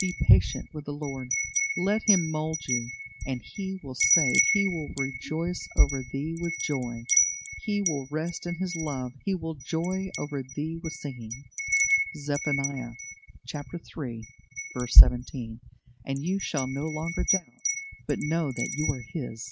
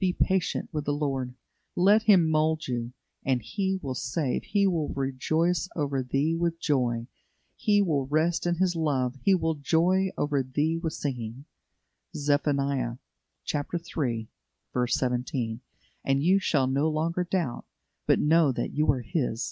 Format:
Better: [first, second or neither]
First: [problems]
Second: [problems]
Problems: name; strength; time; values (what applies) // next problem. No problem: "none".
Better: second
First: noise reduction (neural mask model RNNoise)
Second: none